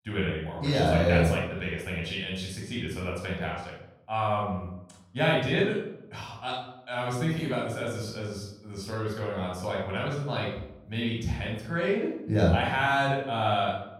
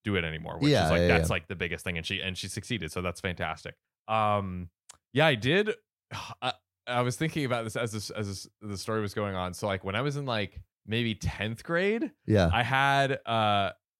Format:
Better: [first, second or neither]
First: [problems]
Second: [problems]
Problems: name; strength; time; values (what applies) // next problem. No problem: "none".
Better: second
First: off-mic speech; far // room echo; noticeable; dies away in 0.7 s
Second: none